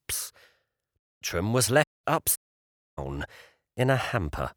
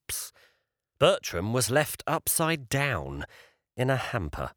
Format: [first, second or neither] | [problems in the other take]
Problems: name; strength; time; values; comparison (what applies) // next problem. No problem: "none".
second | audio cutting out; at 1 s, at 2 s and at 2.5 s for 0.5 s